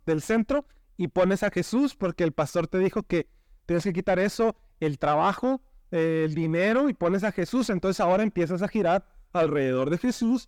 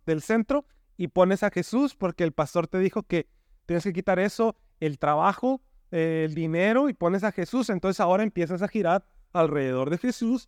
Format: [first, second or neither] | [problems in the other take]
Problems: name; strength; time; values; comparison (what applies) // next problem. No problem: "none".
second | distortion; slight; 10 dB below the speech